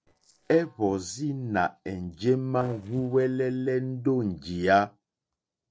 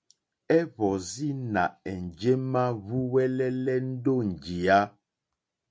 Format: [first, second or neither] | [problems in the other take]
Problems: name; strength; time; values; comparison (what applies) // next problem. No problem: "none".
second | noise reduction (neural separator model SepFormer DNS4)